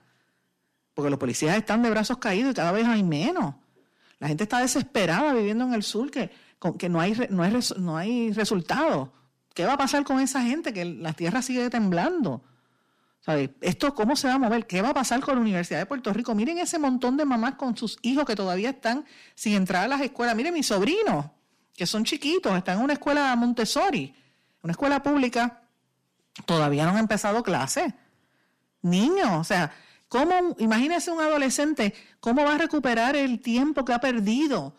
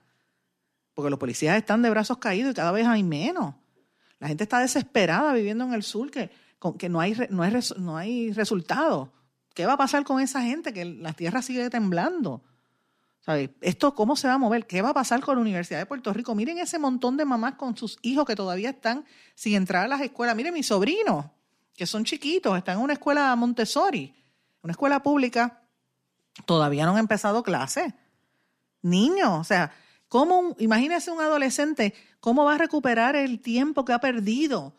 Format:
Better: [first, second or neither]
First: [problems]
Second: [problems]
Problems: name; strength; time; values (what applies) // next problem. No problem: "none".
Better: second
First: distortion; slight; 10 dB below the speech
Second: none